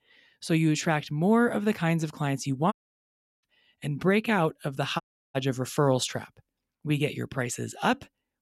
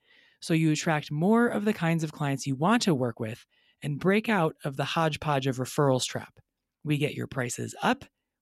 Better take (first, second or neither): second